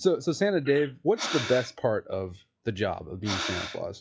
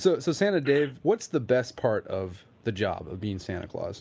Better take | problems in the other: second | noise reduction (classical method log-MMSE)

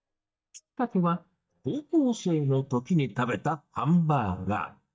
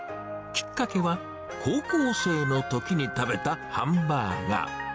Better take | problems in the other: second | noise reduction (neural mask model DeepFilterNet 3)

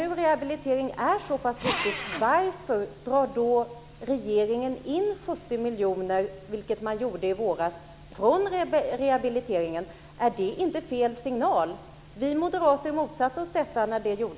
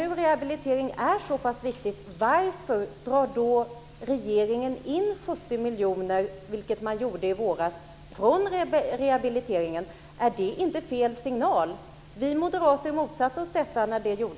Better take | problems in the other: second | background sound (Drill); 9 dB below the speech

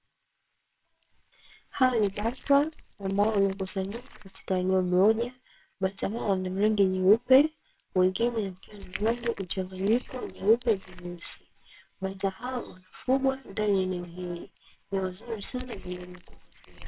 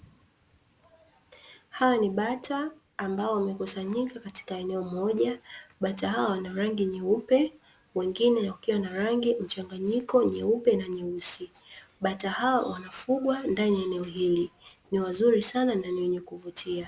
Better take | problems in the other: second | noise reduction (neural separator model SepFormer WHAMR!)

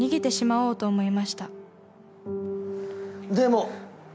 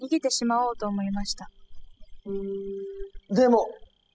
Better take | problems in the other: first | noise reduction (classical method spectral subtraction)

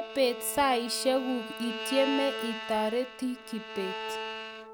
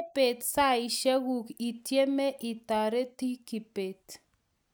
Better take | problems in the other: second | background sound (Bowed string instrument); 7 dB below the speech

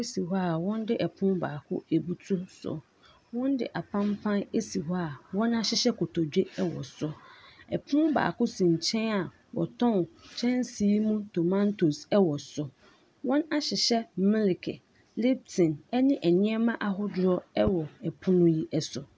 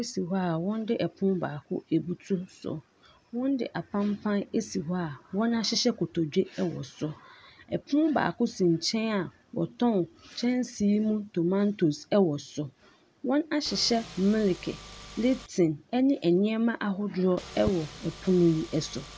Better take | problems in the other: first | background sound (Engine / Car); 17 dB below the speech

